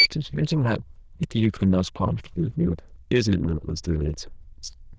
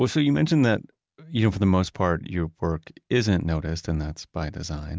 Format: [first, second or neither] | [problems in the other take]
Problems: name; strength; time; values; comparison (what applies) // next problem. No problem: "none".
second | noise reduction (neural diffusion model UNIVERSE++)